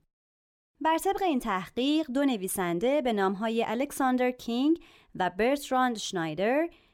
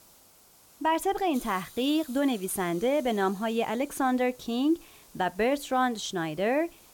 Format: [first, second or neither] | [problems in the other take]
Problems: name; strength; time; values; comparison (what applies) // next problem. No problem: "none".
first | hiss; faint; throughout; 20 dB below the speech